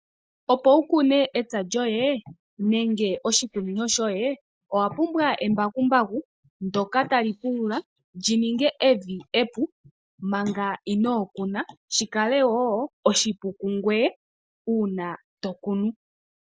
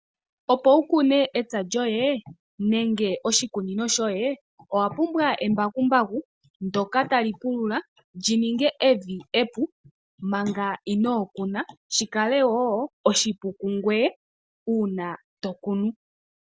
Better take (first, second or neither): second